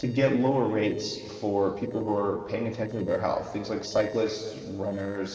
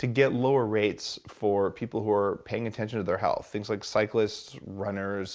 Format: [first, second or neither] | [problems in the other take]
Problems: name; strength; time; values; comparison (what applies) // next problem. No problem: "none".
second | noise reduction (neural separator model SepFormer DNS4)